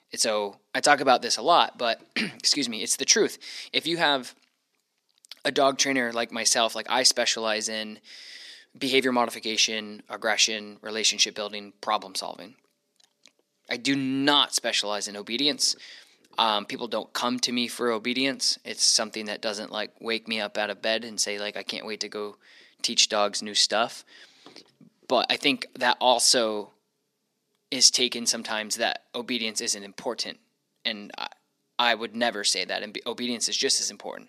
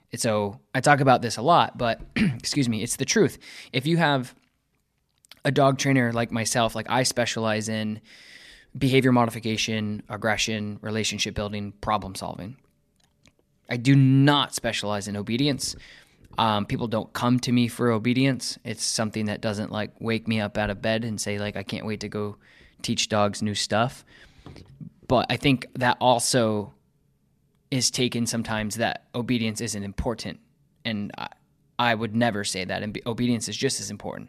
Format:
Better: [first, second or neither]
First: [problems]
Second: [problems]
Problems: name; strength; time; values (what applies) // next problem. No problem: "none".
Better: second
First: thin; somewhat; fading below 300 Hz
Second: none